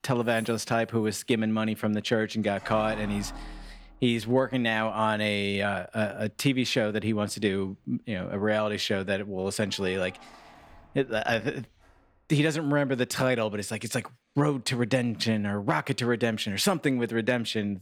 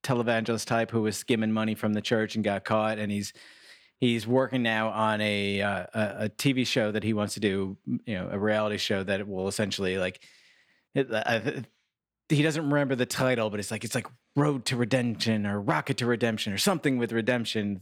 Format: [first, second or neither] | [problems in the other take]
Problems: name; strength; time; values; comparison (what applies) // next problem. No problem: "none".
second | household noises; faint; throughout; 20 dB below the speech